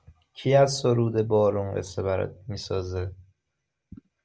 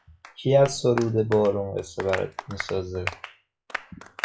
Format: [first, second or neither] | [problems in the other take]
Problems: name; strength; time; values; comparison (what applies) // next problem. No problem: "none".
first | noise reduction (classical method WPE with log-MMSE)